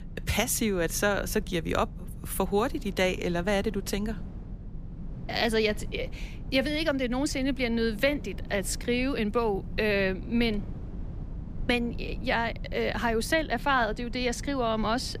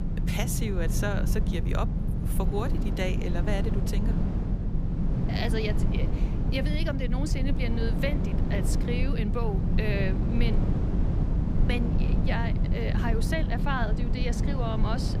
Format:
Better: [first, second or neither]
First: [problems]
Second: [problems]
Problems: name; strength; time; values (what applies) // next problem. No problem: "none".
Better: first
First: low rumble; faint; throughout; 20 dB below the speech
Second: low rumble; loud; throughout; 4 dB below the speech